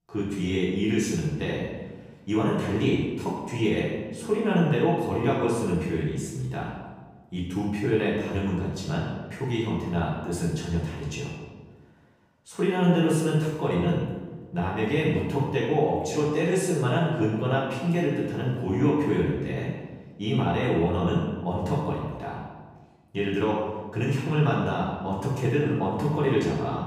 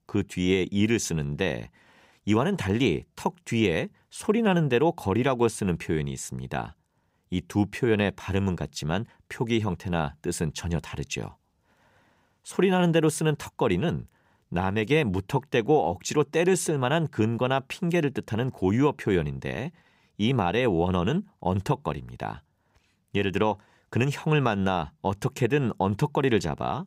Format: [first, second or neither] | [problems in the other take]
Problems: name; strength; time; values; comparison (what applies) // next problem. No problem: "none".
second | room echo; noticeable; dies away in 1.1 s // off-mic speech; far